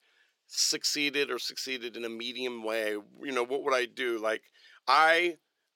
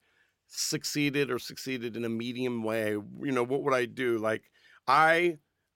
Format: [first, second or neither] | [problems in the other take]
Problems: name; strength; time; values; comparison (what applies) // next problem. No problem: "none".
second | thin; somewhat; fading below 400 Hz